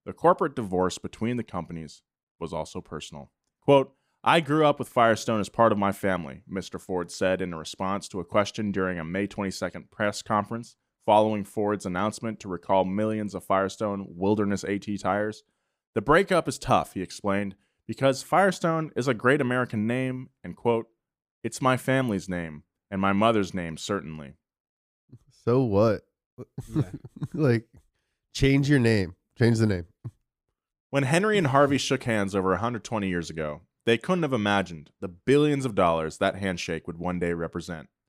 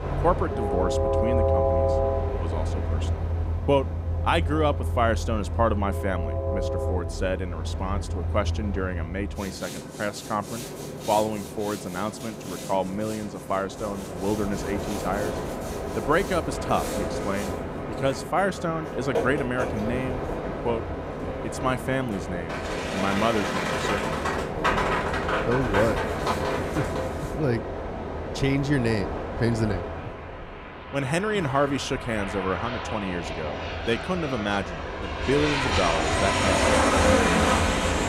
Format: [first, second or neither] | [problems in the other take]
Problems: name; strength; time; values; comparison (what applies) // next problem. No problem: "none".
first | train or aircraft noise; very loud; throughout; as loud as the speech